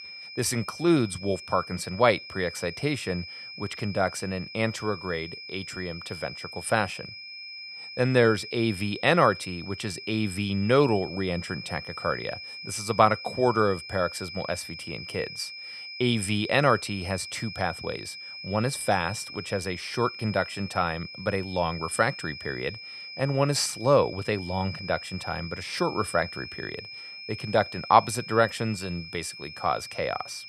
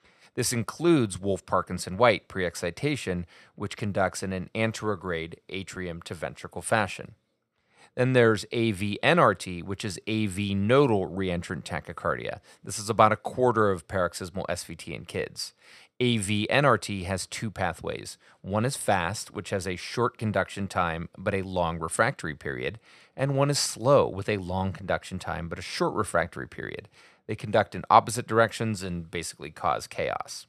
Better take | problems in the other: second | high-pitched whine; noticeable; throughout; 2.5 kHz, 10 dB below the speech

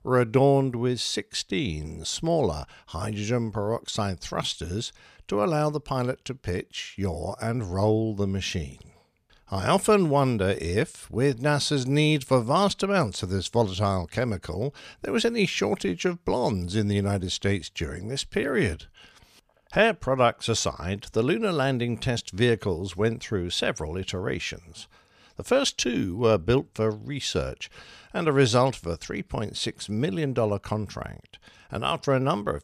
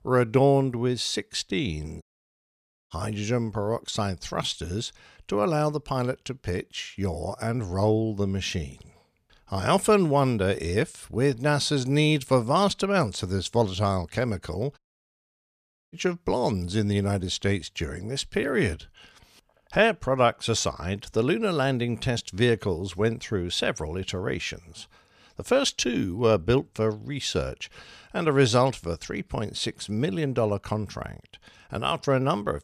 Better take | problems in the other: first | audio cutting out; at 2 s for 1 s and at 15 s for 1 s

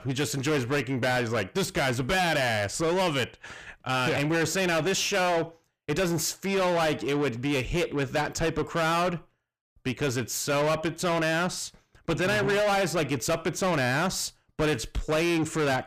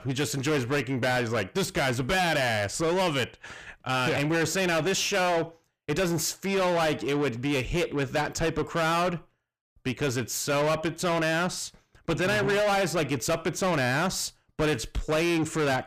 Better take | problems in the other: neither | distortion; heavy; 6 dB below the speech; the same in both

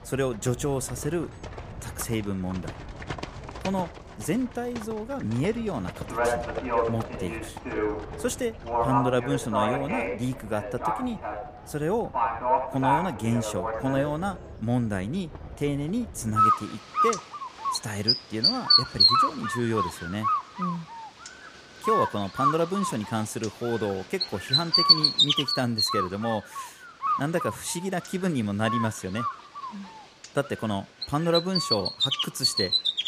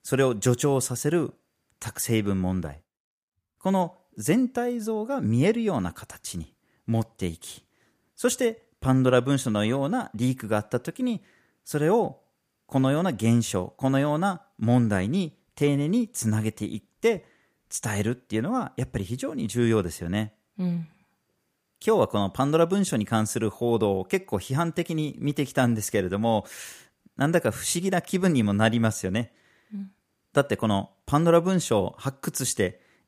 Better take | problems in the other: second | animal sounds; very loud; throughout; 5 dB above the speech

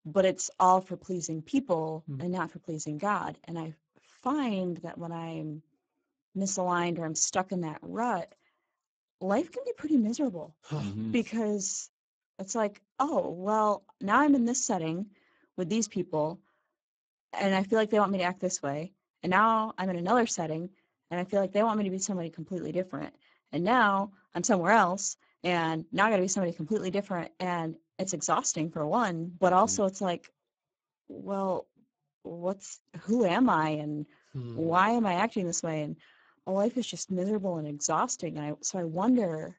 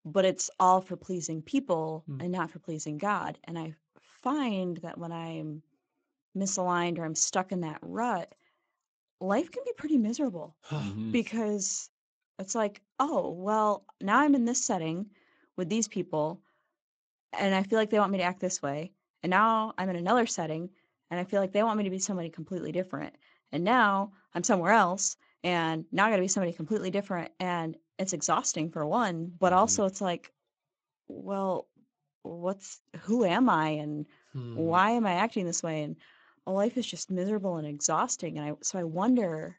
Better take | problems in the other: second | garbled, watery; badly; nothing above 7.5 kHz; slightly in the second

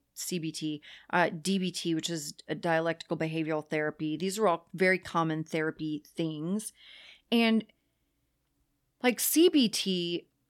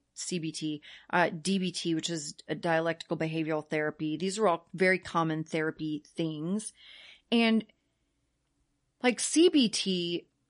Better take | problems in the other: first | garbled, watery; slightly; nothing above 10.5 kHz

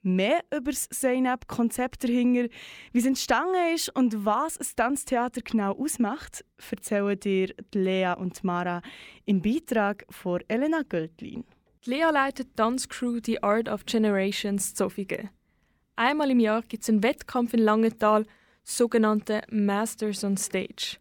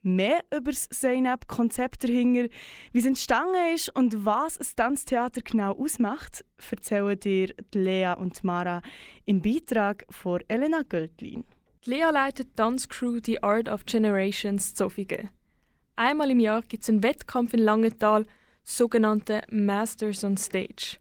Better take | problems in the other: first | garbled, watery; slightly; nothing above 19 kHz

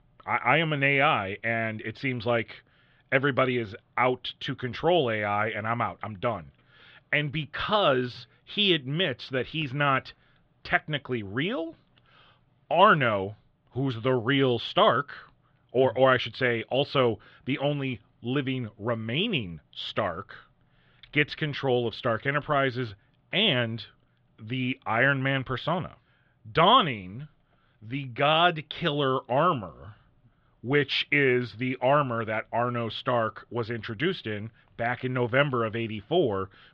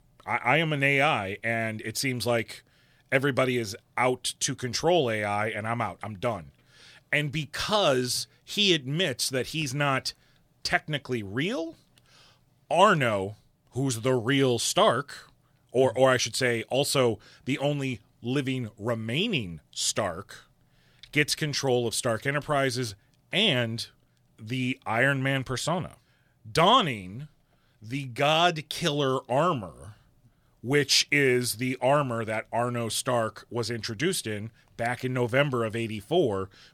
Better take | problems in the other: second | muffled; very; fading above 3.5 kHz

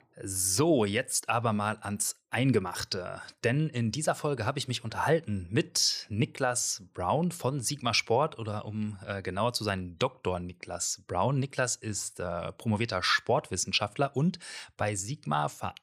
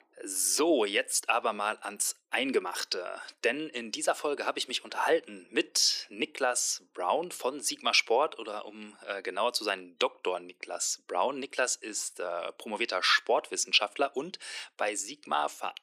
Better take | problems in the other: first | thin; somewhat; fading below 300 Hz

